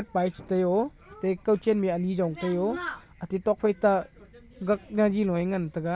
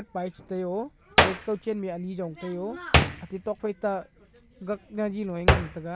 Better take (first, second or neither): first